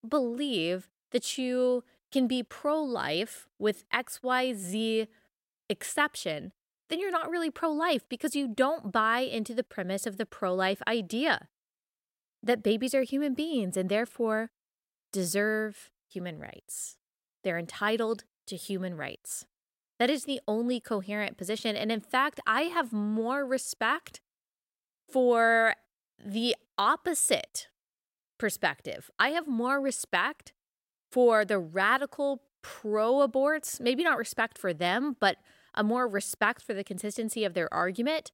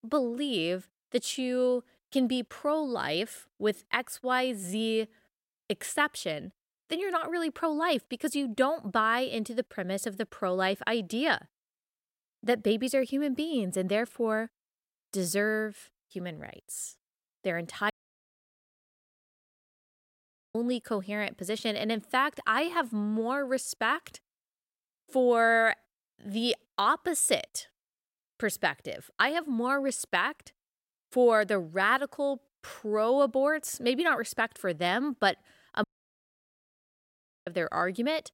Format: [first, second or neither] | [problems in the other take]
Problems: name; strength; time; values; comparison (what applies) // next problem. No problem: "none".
first | audio cutting out; at 18 s for 2.5 s and at 36 s for 1.5 s